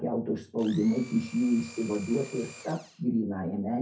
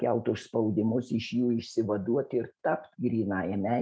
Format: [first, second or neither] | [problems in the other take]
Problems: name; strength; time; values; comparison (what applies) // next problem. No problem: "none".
second | background sound (Domestic sounds, home sounds); 19 dB below the speech // room echo; dies away in 0.3 s